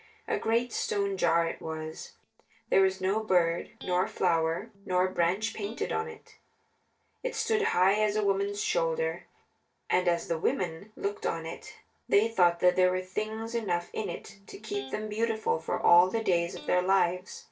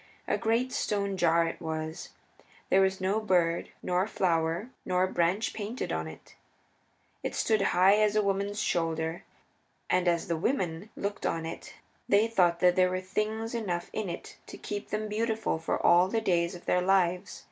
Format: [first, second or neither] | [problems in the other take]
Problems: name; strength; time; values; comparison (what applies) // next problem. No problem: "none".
second | noise reduction (neural separator model SepFormer DNS4)